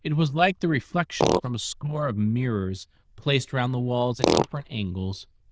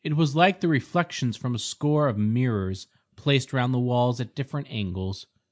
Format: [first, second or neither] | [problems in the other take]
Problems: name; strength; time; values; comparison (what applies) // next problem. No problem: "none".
second | noise reduction (neural diffusion model UNIVERSE++)